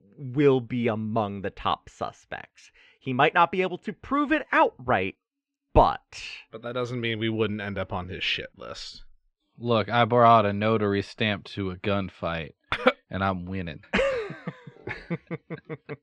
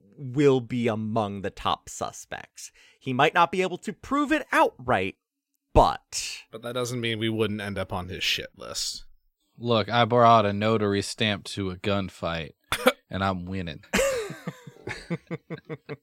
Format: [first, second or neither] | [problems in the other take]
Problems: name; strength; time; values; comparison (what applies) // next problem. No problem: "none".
second | muffled; slightly; fading above 2.5 kHz